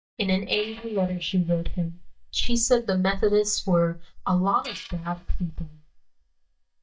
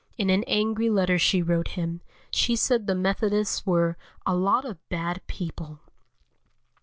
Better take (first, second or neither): second